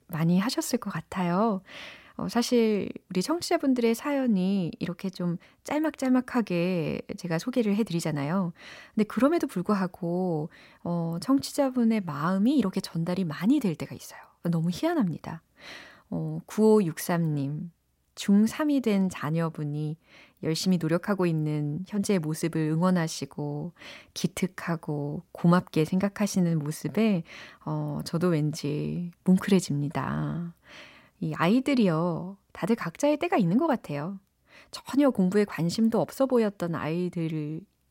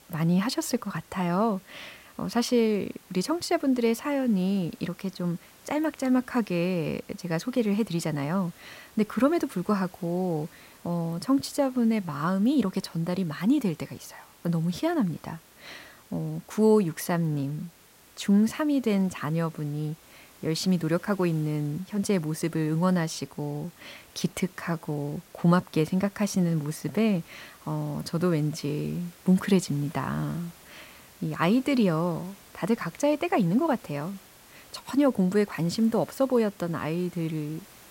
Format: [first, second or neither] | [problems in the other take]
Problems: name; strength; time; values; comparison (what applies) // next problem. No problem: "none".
first | hiss; faint; throughout; 25 dB below the speech